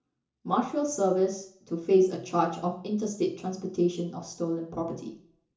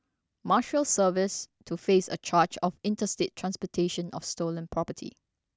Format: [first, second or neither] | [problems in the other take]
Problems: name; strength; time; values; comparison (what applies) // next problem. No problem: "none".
second | room echo; dies away in 0.7 s